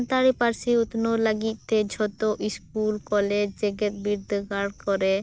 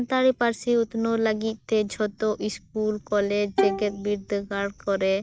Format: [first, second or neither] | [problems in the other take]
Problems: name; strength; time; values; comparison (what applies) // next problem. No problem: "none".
first | noise reduction (neural mask model DeepFilterNet 3)